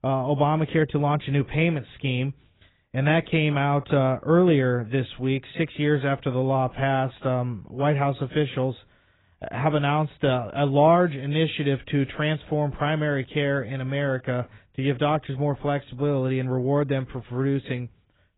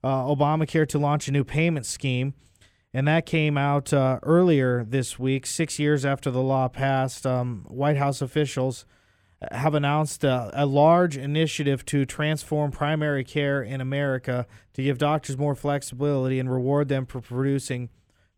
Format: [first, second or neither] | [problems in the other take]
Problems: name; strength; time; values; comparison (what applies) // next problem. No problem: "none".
second | garbled, watery; badly; nothing above 4 kHz